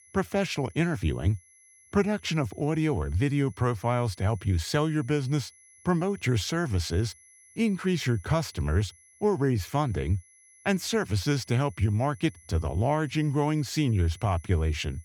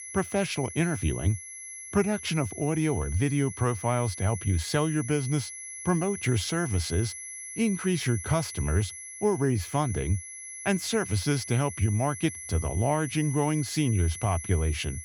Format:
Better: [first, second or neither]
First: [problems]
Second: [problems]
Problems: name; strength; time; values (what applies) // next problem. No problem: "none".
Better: first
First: high-pitched whine; faint; throughout; 11 kHz, 25 dB below the speech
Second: high-pitched whine; loud; throughout; 11 kHz, 10 dB below the speech